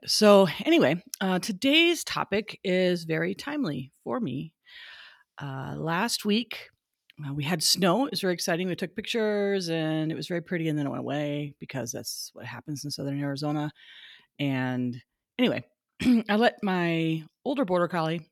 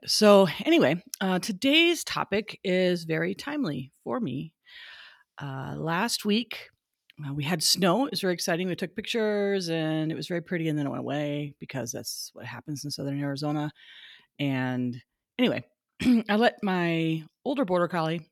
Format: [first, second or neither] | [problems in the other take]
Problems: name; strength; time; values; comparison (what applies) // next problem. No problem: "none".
neither | none